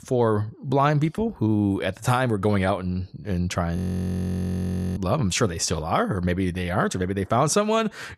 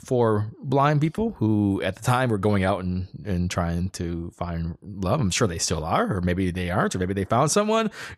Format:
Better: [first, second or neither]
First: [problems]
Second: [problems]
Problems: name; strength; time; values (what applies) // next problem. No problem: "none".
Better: second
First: audio freezing; at 4 s for 1 s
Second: none